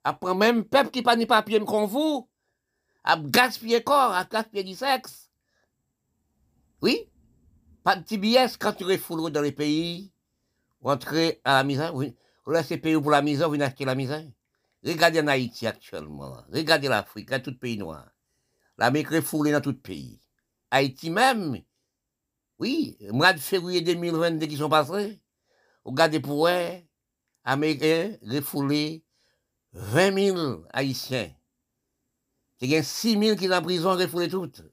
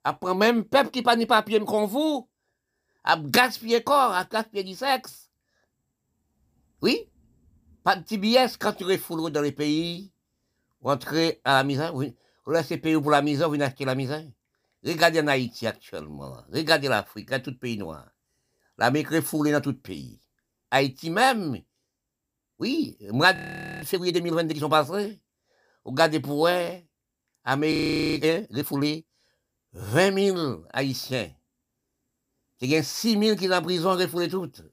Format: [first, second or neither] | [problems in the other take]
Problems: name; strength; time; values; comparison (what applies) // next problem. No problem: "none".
first | audio freezing; at 23 s and at 28 s